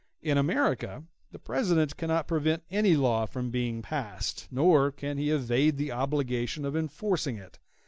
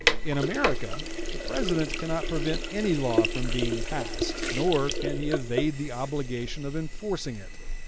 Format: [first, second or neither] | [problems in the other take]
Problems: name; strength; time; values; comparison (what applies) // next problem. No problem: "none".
first | background sound (Sink (filling or washing)); 1 dB above the speech